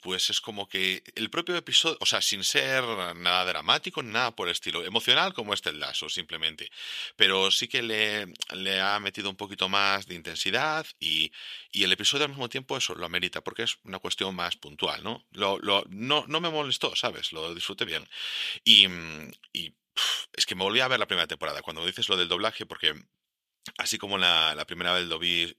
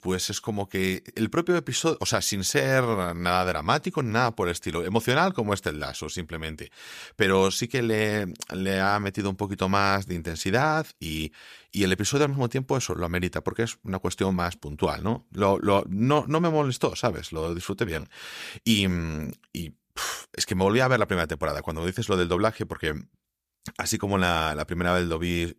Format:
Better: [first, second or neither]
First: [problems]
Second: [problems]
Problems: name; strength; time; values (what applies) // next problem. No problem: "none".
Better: second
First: thin; somewhat; fading below 850 Hz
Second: none